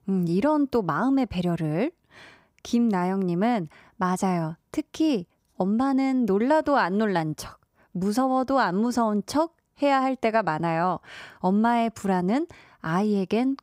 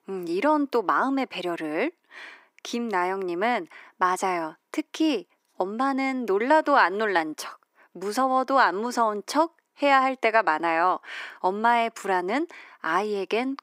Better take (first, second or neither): first